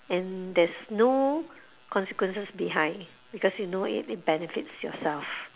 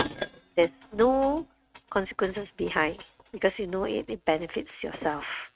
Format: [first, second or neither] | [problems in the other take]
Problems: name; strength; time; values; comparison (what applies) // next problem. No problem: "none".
first | noise reduction (neural mask model RNNoise)